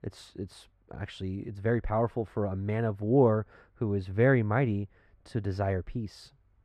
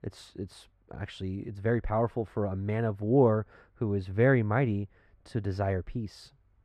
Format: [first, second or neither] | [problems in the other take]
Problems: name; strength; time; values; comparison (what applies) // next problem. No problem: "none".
neither | muffled; very; fading above 3 kHz; the same in both